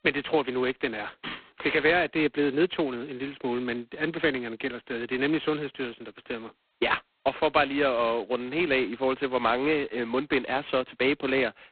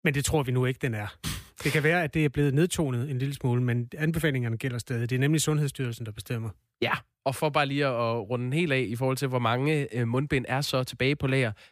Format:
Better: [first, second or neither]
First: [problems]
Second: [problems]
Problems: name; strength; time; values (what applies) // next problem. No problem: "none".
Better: second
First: phone-call audio; poor line; nothing above 4 kHz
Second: none